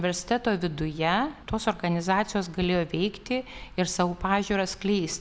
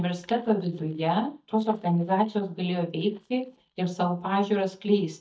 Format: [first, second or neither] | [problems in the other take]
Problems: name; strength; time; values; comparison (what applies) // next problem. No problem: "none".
first | noise reduction (neural mask model DeepFilterNet 3)